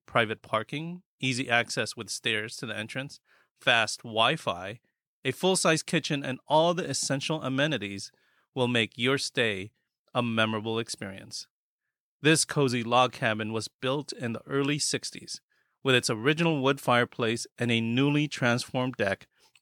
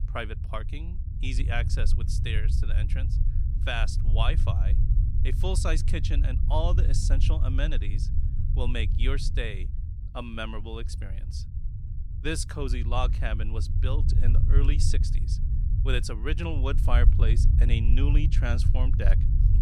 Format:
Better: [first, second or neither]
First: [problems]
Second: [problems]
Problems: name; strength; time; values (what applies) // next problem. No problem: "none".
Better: first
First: none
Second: low rumble; loud; throughout; 9 dB below the speech